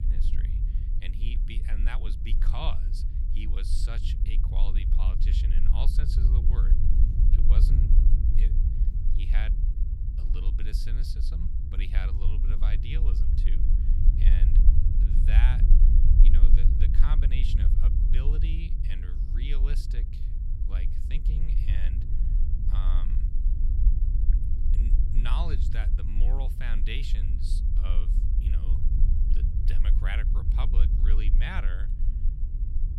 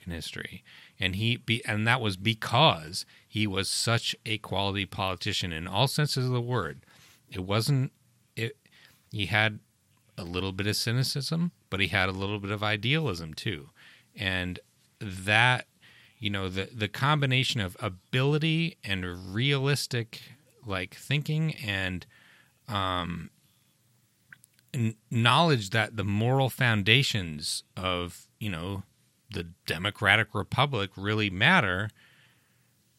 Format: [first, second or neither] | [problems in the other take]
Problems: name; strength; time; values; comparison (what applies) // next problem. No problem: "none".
second | low rumble; loud; throughout; 5 dB below the speech